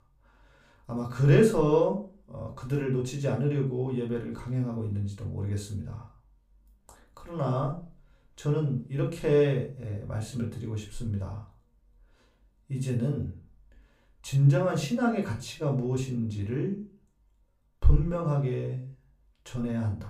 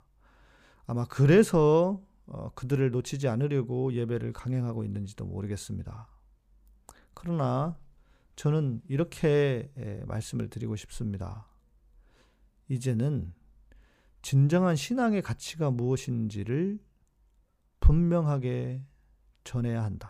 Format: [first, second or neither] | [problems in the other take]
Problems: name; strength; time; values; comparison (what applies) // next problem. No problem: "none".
second | off-mic speech; far // room echo; slight; dies away in 0.3 s